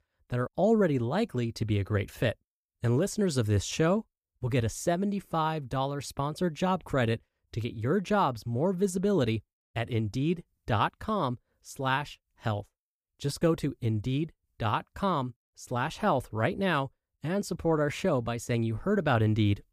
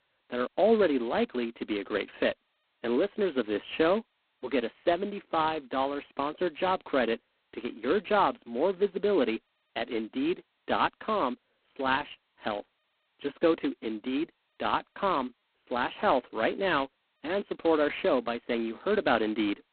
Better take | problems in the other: first | phone-call audio; poor line; nothing above 4 kHz

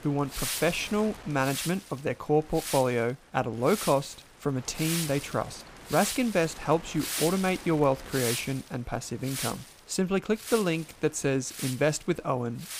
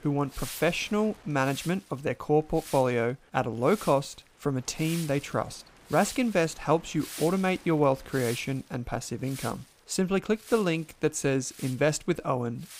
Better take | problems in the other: second | wind noise on the microphone; heavy; 7 dB below the speech; occasional gusts in the second

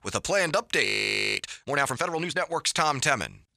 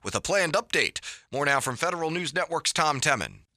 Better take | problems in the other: second | audio freezing; at 1 s for 0.5 s

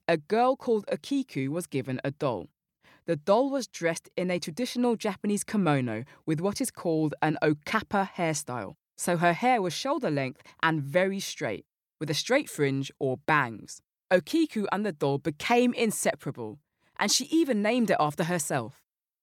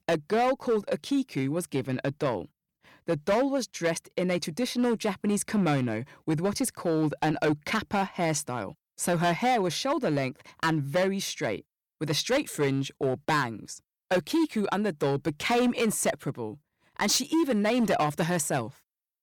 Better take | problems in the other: first | distortion; slight; 8% of the sound clipped

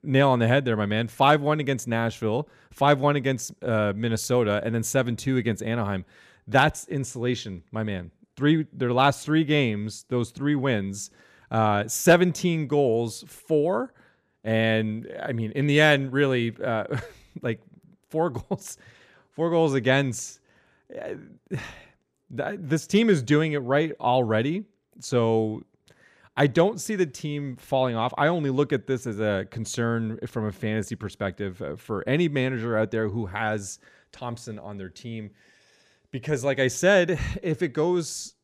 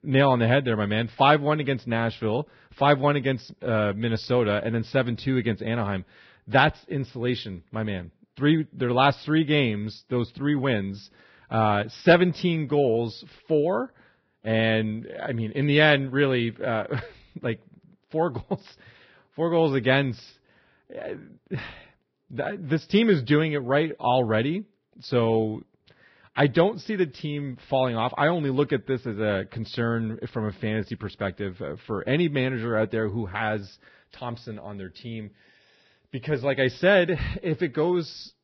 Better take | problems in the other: first | garbled, watery; badly; nothing above 5.5 kHz

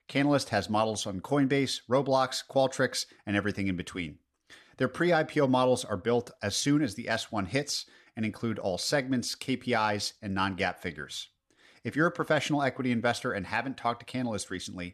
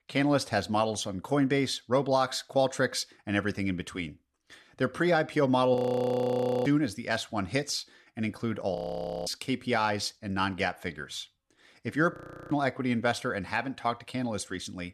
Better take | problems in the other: first | audio freezing; at 6 s for 1 s, at 9 s for 0.5 s and at 12 s

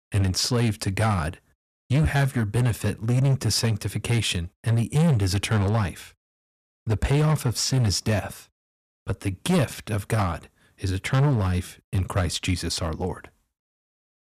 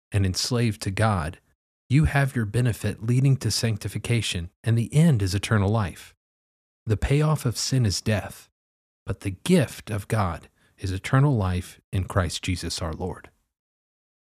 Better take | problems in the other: second | distortion; slight; 9% of the sound clipped

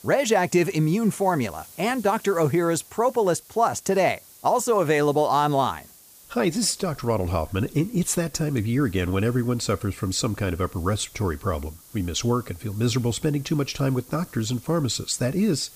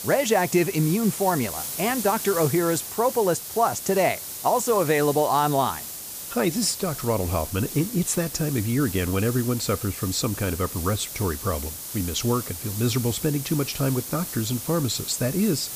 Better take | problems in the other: first | hiss; loud; throughout; 7 dB below the speech; faint in the first

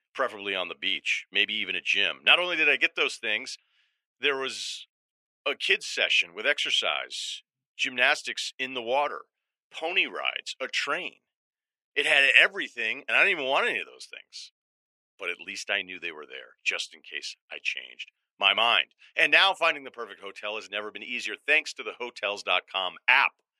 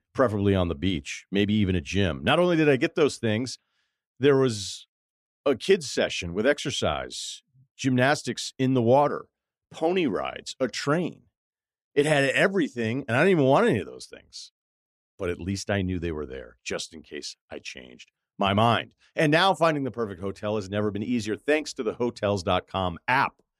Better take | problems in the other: second | thin; very; fading below 600 Hz

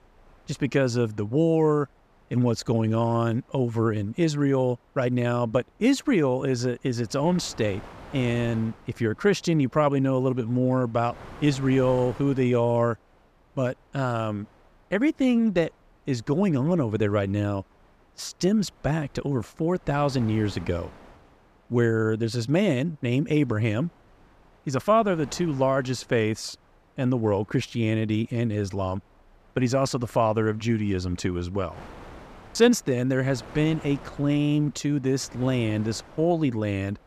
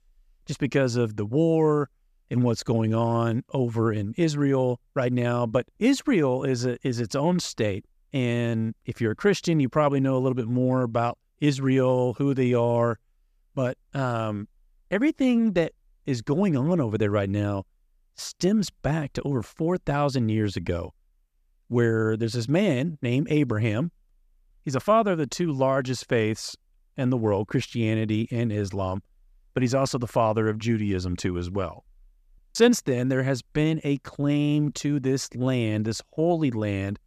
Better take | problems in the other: second | wind noise on the microphone; occasional gusts; 20 dB below the speech

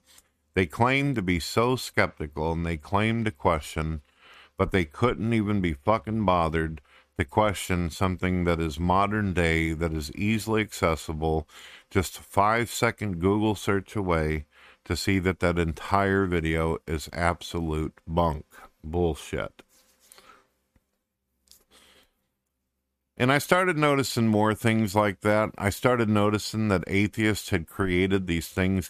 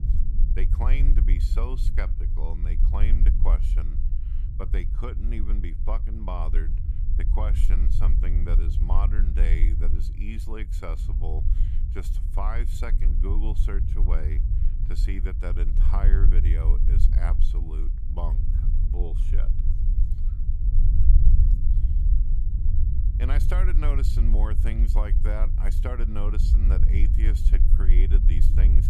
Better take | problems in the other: first | low rumble; loud; throughout; 5 dB below the speech

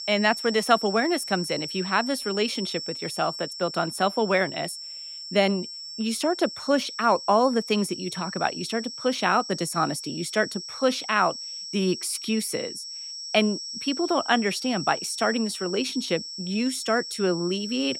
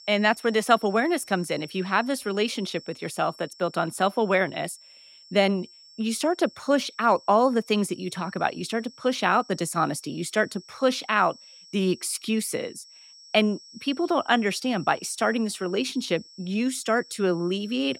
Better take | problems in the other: second | high-pitched whine; loud; throughout; 5.5 kHz, 8 dB below the speech; faint in the second

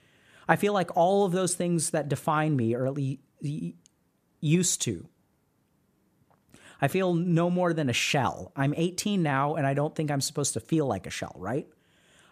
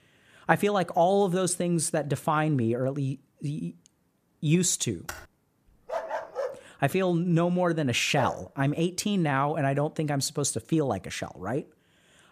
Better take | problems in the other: first | keyboard typing; faint; at 5 s; peak 15 dB below the speech // dog barking; noticeable; from 6 to 8.5 s; peak 6 dB below the speech

